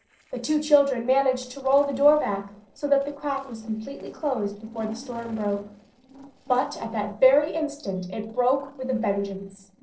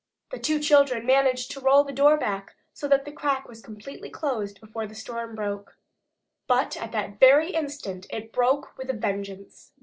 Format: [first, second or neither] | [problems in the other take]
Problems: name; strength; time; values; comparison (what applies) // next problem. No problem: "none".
second | noise reduction (neural separator model SepFormer DNS4)